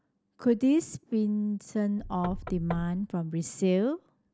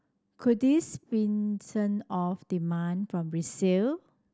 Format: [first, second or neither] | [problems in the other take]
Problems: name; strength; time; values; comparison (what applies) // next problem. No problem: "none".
second | background sound (Knock / Wood); 12 dB below the speech